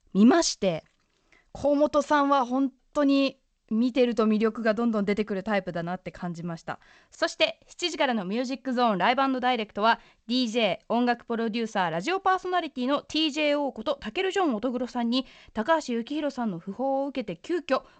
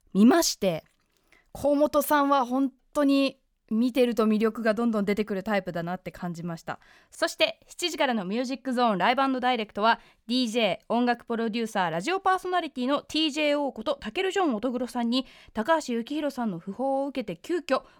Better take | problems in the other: second | garbled, watery; slightly; nothing above 7.5 kHz

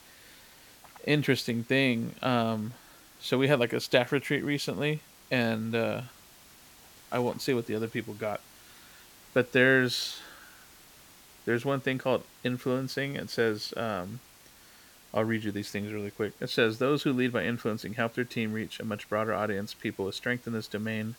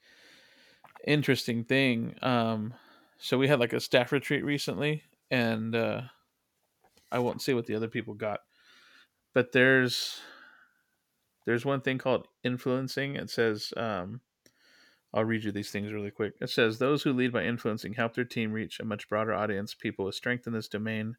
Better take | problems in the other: second | hiss; faint; throughout; 25 dB below the speech

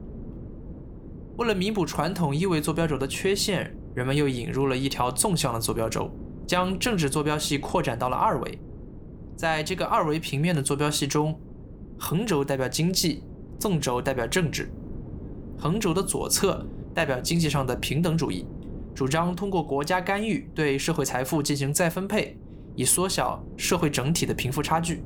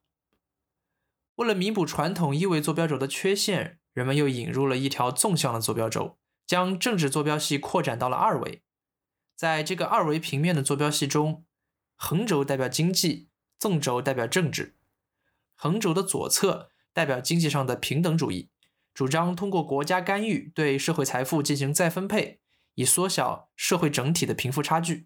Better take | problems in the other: second | wind noise on the microphone; occasional gusts; 20 dB below the speech

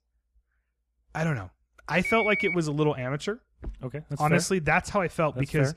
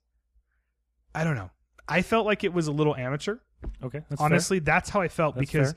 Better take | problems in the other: second | phone ringing; loud; at 2 s; peak level with the speech

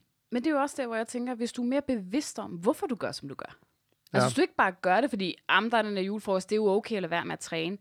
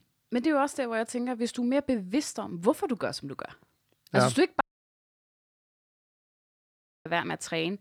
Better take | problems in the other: first | audio cutting out; at 4.5 s for 2.5 s

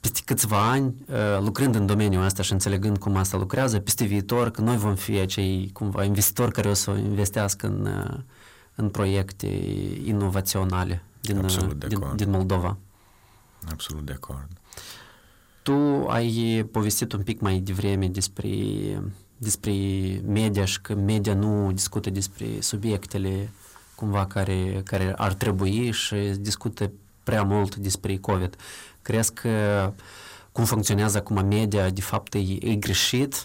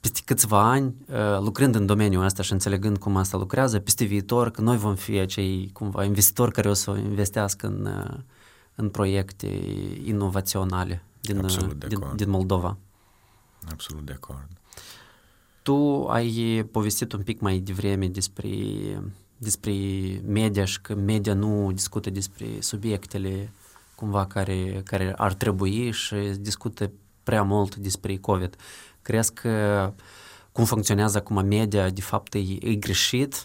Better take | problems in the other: second | distortion; slight; 10 dB below the speech

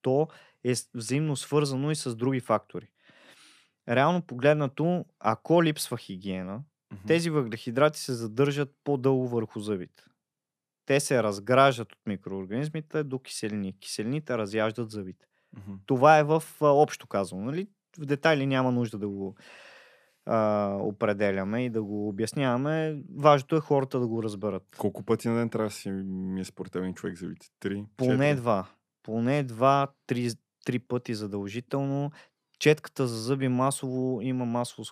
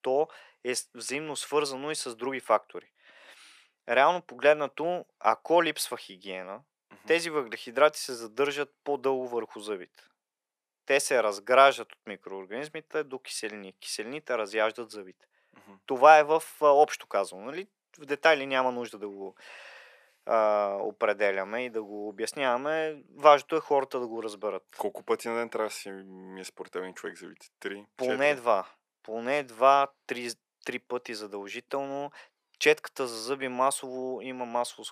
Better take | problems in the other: first | thin; very; fading below 550 Hz

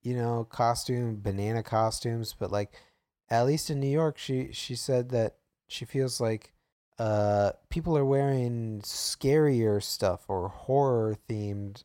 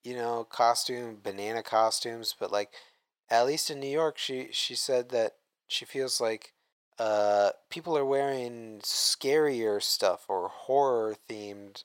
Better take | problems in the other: first | thin; very; fading below 500 Hz

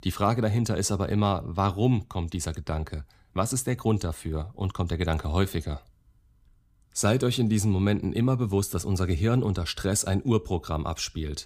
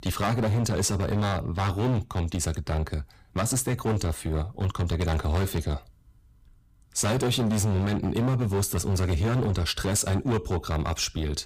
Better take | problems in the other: first | distortion; heavy; 17% of the sound clipped

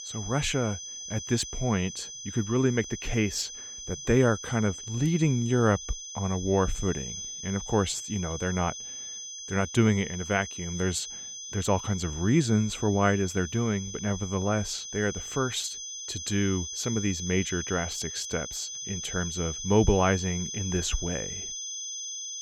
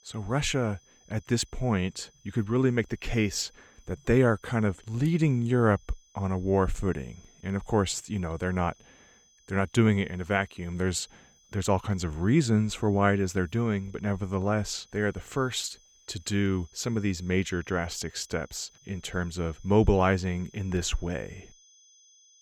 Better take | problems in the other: second | high-pitched whine; loud; throughout; 6 kHz, 7 dB below the speech; faint in the second

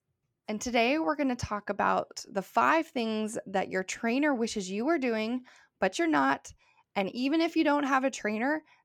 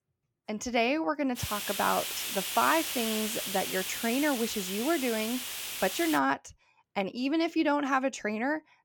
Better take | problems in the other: first | hiss; loud; from 1.5 to 6 s; 3 dB below the speech

